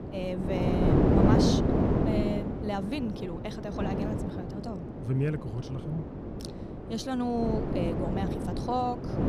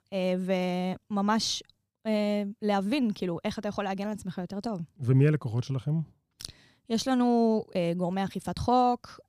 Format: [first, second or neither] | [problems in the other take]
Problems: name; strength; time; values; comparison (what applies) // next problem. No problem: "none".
second | wind noise on the microphone; heavy; 2 dB above the speech